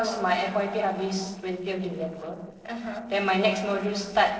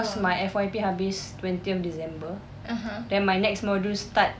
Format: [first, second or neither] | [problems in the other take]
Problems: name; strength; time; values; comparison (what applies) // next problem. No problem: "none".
second | noise reduction (neural separator model SepFormer DNS4)